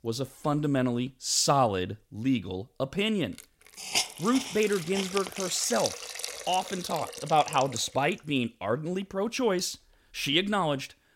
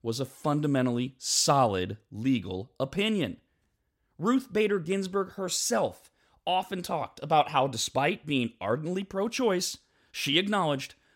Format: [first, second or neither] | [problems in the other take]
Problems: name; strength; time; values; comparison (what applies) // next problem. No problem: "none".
second | hiss; loud; throughout; 6 dB below the speech